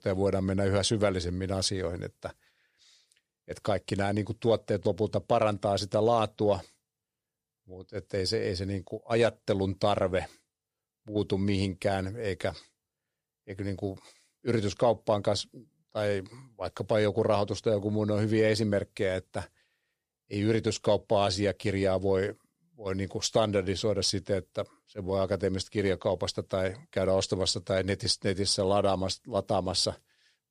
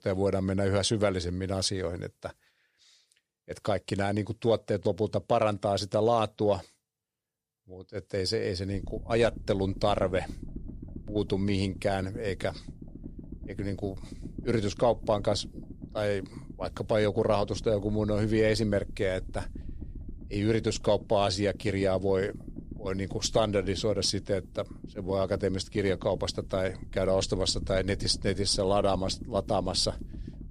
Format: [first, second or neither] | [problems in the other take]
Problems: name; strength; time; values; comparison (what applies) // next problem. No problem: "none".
first | low rumble; faint; from 8.5 s on; 20 dB below the speech